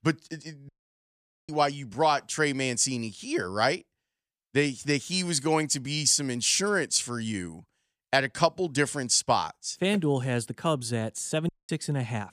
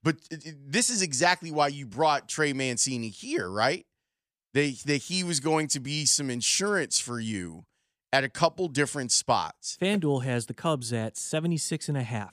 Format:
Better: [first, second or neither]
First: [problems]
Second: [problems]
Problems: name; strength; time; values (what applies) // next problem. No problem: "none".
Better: second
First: audio cutting out; at 0.5 s for 1 s and at 11 s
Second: none